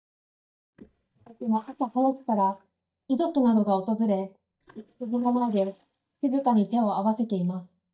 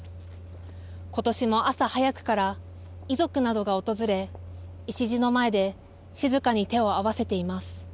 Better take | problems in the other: second | noise reduction (neural mask model DeepFilterNet 3)

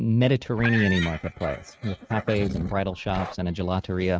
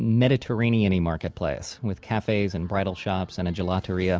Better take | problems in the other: second | noise reduction (neural mask model RNNoise)

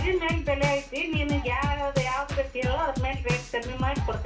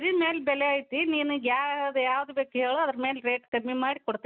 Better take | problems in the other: second | background sound (Drum kit); 2 dB below the speech // room echo; dies away in 0.4 s

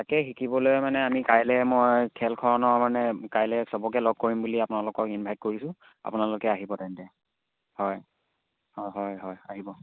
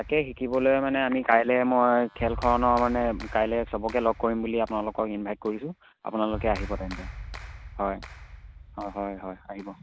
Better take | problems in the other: first | background sound (Clapping); 14 dB below the speech

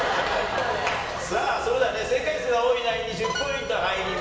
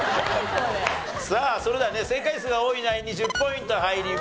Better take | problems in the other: second | room echo; dies away in 1.2 s

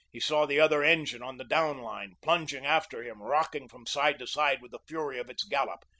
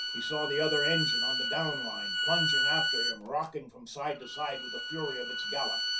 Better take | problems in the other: first | background sound (Bowed string instrument); 3 dB above the speech // room echo; dies away in 0.3 s

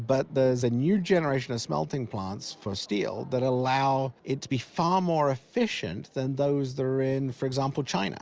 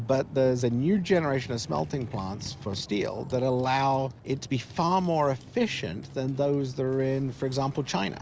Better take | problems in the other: first | background sound (Motorcycle); 17 dB below the speech

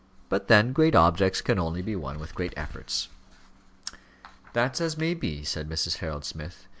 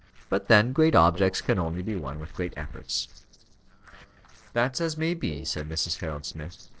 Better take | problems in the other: first | noise reduction (neural separator model SepFormer DNS4)

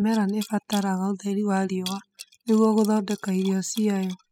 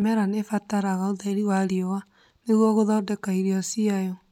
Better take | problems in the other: second | noise reduction (classical method spectral subtraction)

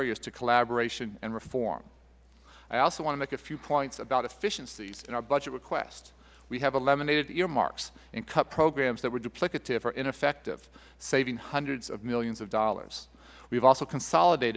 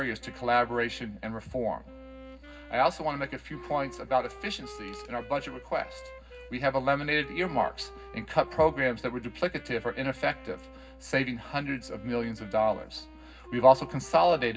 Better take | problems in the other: first | background sound (Wind instrument, woodwind instrument); 19 dB below the speech // room echo; dies away in 0.4 s

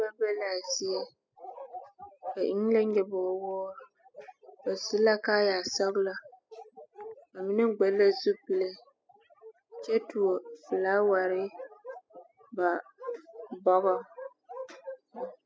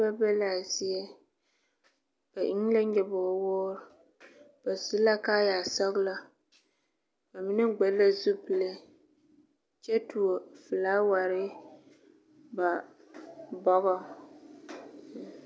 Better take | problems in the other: second | noise reduction (classical method spectral subtraction)

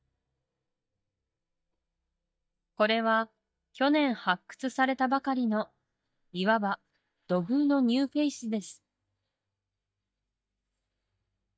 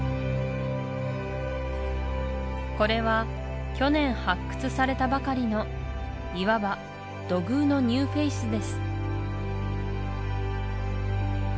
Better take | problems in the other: second | noise reduction (neural mask model DeepFilterNet 3)

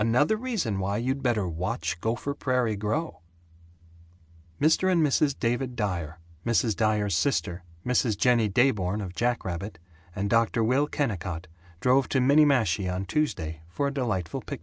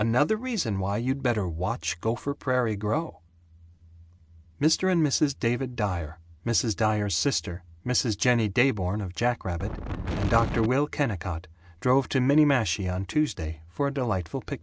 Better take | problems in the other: first | background sound (Wind); 3 dB below the speech

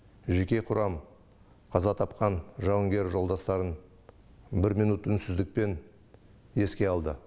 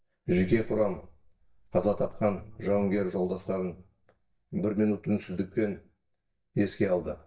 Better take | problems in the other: first | noise reduction (neural mask model DeepFilterNet 3)

